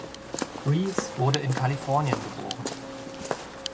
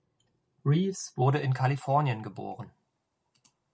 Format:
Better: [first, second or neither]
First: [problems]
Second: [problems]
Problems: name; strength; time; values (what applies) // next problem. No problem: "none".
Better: second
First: background sound (Walk, footsteps); 5 dB below the speech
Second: none